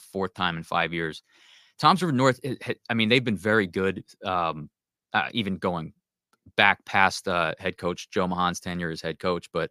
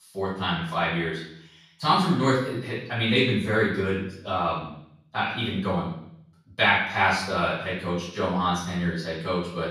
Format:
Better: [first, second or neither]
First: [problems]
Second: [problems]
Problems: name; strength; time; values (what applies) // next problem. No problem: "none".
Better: first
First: none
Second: room echo; noticeable; dies away in 0.7 s // off-mic speech; far